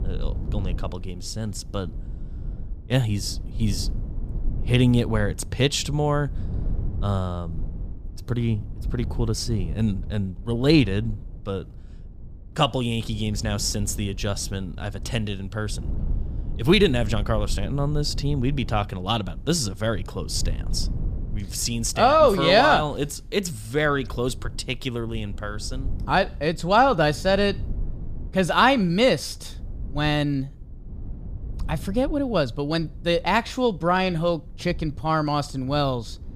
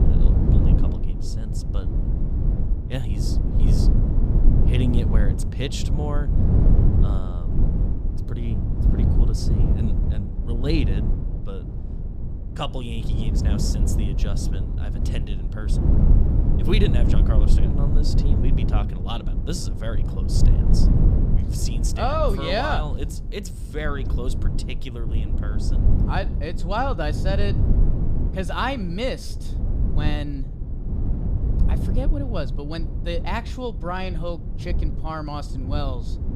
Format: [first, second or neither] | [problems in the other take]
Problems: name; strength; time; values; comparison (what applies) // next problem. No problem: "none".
first | low rumble; loud; throughout; 5 dB below the speech; faint in the first